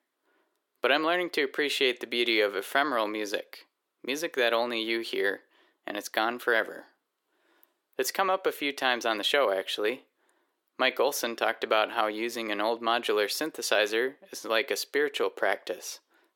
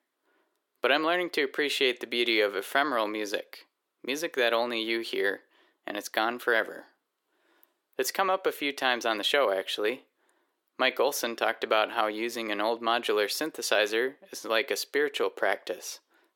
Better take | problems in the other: neither | thin; somewhat; fading below 350 Hz; the same in both

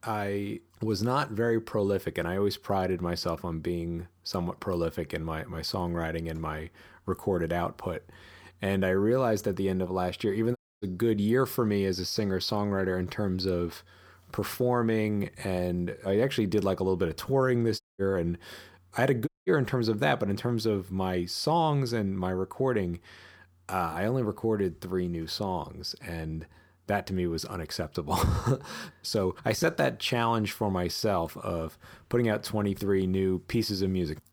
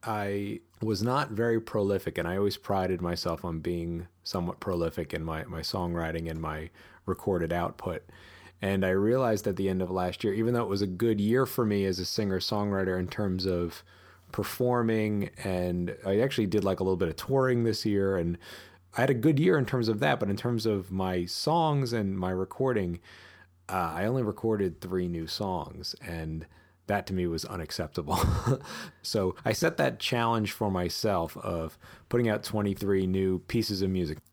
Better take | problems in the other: second | audio cutting out; at 11 s, at 18 s and at 19 s

